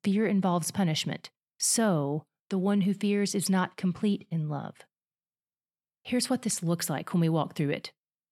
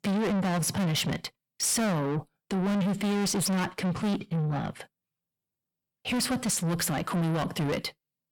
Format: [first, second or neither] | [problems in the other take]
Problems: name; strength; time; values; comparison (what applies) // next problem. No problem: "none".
first | distortion; heavy; 6 dB below the speech